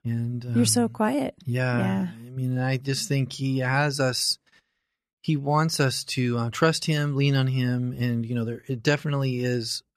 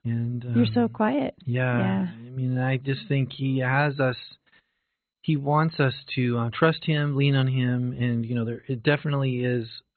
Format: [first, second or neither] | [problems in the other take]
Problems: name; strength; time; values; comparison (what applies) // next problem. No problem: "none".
first | garbled, watery; badly; nothing above 4 kHz